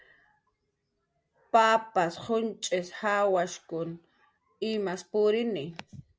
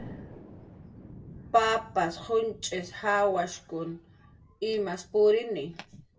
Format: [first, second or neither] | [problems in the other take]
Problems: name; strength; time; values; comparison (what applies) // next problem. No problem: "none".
first | background sound (Thunder); 20 dB below the speech // room echo; dies away in 0.2 s